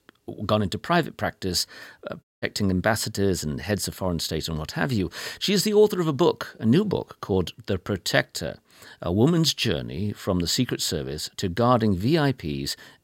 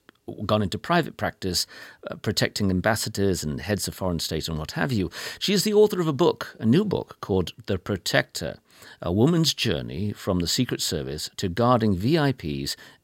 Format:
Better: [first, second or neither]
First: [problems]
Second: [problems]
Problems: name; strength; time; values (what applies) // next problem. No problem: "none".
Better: second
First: audio cutting out; at 2 s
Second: none